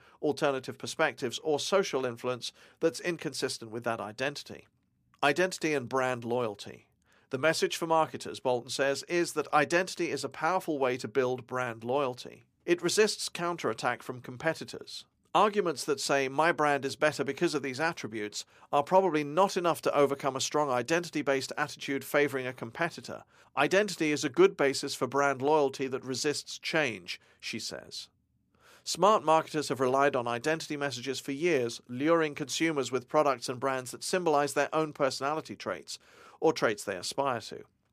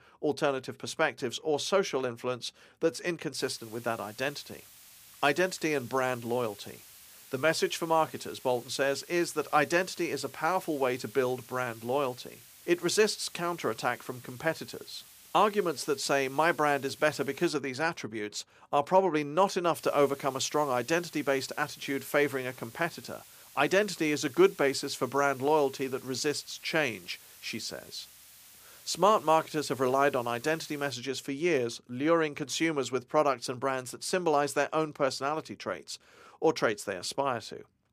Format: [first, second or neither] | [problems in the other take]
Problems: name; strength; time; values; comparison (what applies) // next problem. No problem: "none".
first | hiss; faint; from 3.5 to 17 s and from 20 to 31 s; 20 dB below the speech